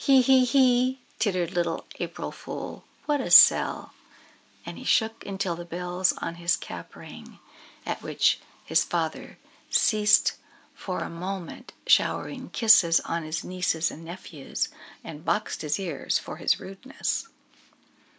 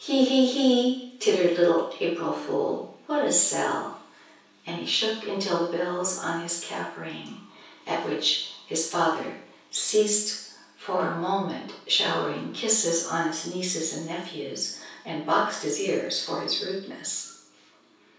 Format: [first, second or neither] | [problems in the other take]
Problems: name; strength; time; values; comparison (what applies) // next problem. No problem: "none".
first | room echo; dies away in 0.6 s